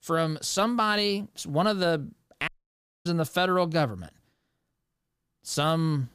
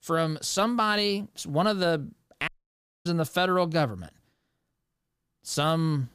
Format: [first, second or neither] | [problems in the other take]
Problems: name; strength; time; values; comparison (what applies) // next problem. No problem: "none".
neither | audio cutting out; at 2.5 s for 0.5 s; the same in both